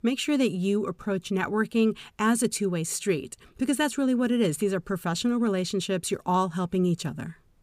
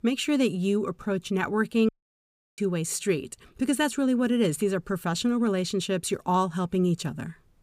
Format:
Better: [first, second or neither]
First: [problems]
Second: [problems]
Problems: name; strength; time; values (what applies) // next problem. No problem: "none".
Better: first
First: none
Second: audio cutting out; at 2 s for 0.5 s